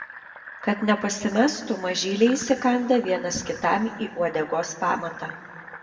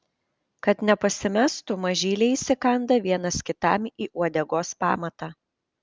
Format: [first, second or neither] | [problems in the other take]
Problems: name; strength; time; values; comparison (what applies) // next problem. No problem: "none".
second | background sound (Fill (with liquid)); 17 dB below the speech // room echo; dies away in 1.3 s